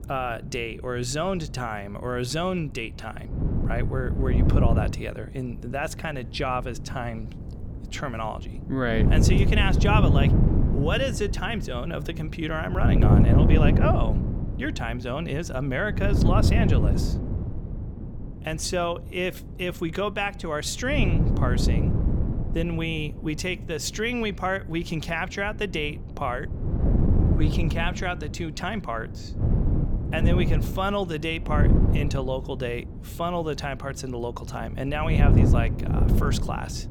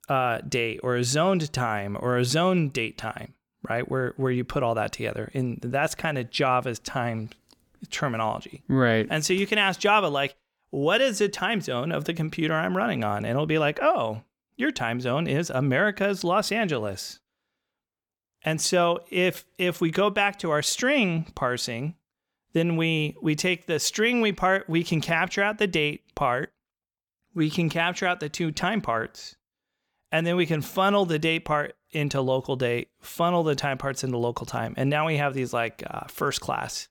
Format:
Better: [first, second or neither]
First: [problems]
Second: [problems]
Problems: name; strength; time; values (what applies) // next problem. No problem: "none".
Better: second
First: wind noise on the microphone; heavy; 5 dB below the speech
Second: none